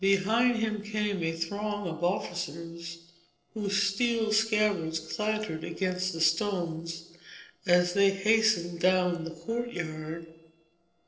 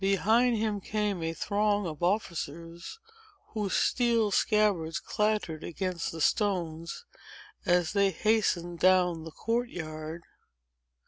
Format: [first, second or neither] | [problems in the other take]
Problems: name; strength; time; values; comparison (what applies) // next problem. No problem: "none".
second | noise reduction (neural separator model SepFormer DNS4)